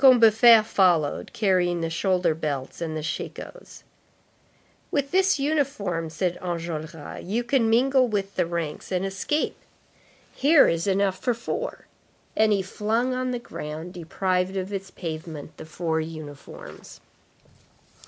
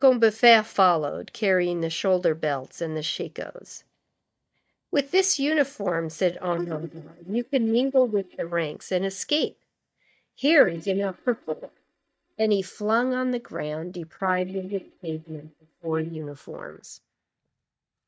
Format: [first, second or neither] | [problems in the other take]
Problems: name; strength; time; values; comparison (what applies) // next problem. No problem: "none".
first | noise reduction (neural mask model DeepFilterNet 3)